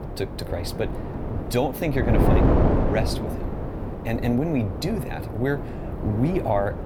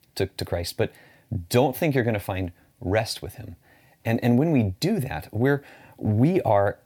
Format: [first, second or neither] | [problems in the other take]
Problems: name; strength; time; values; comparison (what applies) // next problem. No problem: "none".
second | wind noise on the microphone; heavy; 2 dB below the speech